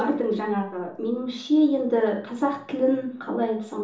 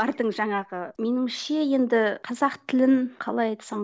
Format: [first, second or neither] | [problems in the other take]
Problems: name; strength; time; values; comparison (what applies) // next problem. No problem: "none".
second | room echo; dies away in 1.2 s